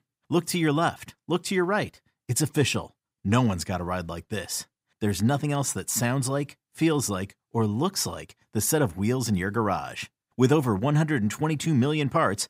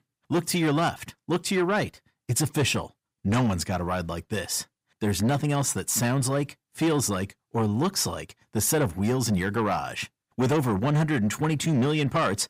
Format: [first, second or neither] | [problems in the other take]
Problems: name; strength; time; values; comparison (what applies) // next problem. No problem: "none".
first | distortion; slight; 10 dB below the speech